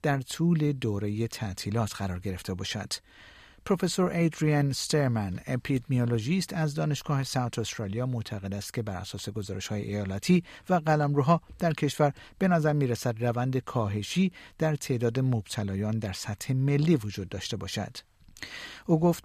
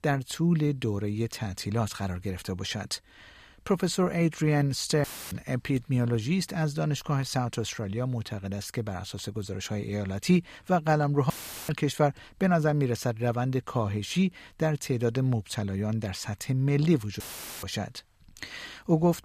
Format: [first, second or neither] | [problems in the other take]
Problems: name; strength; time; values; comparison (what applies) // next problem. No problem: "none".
first | audio cutting out; filled with static; at 5 s, at 11 s and at 17 s